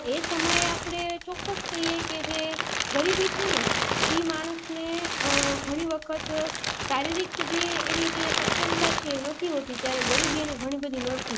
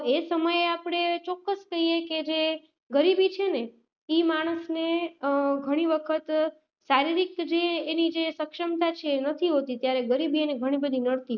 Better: second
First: background sound (Crumpling, crinkling); 1 dB above the speech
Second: none

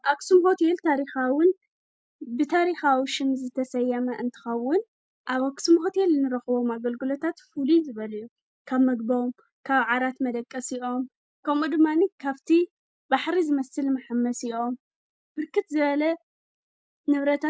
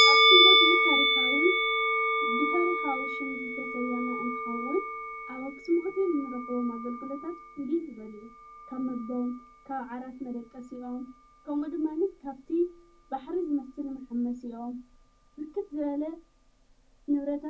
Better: first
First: none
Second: background sound (Musical instrument); 4 dB above the speech // room echo; dies away in 0.4 s

